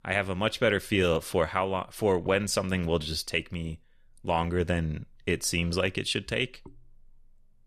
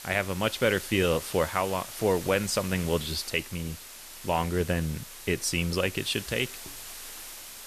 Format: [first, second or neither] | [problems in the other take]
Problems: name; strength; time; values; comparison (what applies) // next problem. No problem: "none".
first | hiss; noticeable; throughout; 10 dB below the speech